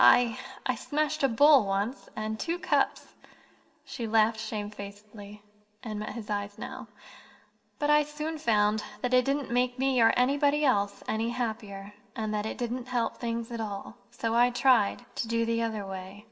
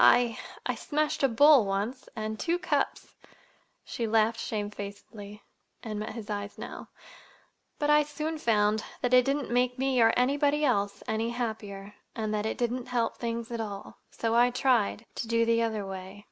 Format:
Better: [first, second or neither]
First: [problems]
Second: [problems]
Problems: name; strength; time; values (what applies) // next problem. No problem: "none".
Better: second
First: room echo; dies away in 0.6 s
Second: none